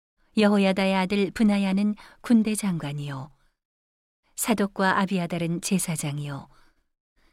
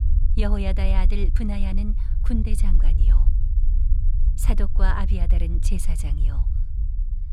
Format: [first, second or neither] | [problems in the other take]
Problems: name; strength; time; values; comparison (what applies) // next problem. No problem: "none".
first | low rumble; noticeable; throughout; 10 dB below the speech